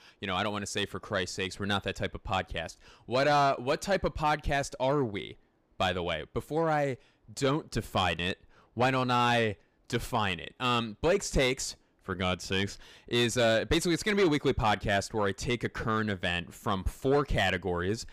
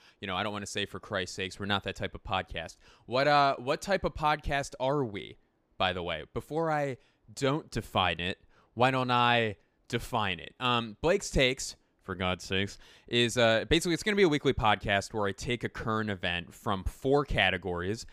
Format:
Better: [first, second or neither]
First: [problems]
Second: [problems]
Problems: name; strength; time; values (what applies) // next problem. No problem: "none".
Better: second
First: distortion; slight; 10 dB below the speech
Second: none